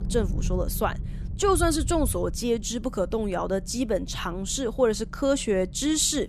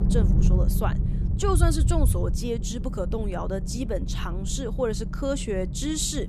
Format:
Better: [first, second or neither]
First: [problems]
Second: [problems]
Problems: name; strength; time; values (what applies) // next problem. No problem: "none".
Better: first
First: low rumble; faint; throughout; 20 dB below the speech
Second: low rumble; loud; throughout; 10 dB below the speech